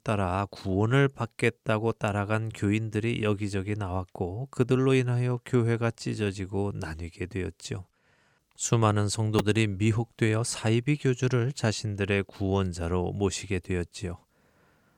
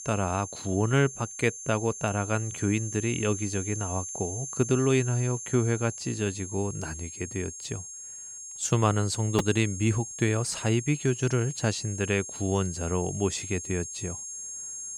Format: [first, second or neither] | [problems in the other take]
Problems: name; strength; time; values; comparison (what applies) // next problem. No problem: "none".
first | high-pitched whine; loud; throughout; 6.5 kHz, 8 dB below the speech